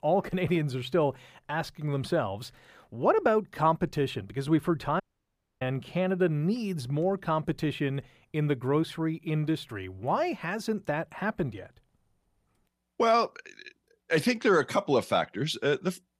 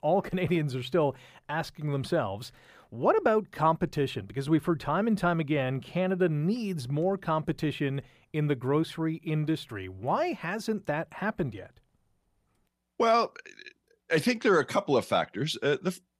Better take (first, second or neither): second